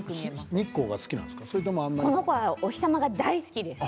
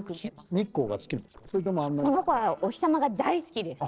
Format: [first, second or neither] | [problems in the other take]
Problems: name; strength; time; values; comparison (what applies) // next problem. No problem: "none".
first | noise reduction (neural separator model SepFormer DNS4)